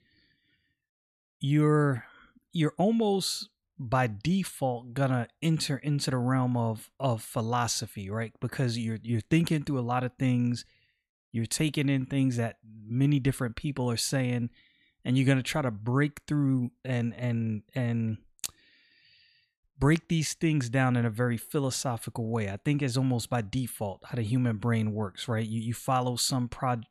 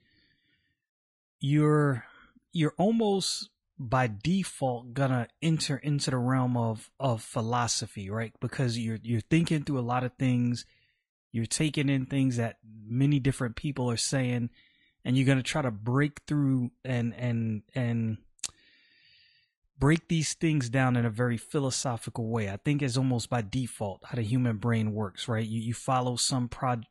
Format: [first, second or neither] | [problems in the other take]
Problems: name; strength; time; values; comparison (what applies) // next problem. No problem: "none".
first | garbled, watery; slightly; nothing above 10.5 kHz